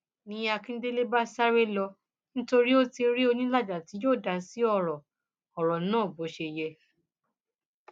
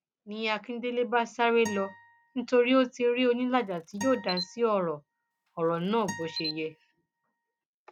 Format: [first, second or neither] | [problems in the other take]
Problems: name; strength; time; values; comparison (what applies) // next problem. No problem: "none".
first | background sound (Camera + Acoustic guitar); 14 dB below the speech